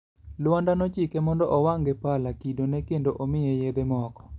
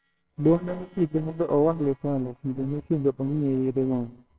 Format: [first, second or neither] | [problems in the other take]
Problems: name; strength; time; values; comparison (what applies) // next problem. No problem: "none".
first | noise reduction (neural separator model SepFormer WHAMR!)